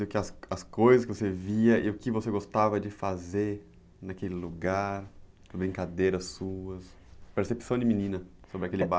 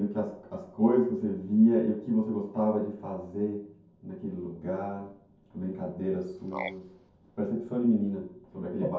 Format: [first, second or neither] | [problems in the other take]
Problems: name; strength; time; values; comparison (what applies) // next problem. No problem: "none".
first | background sound (Frog); 14 dB below the speech // room echo; dies away in 0.6 s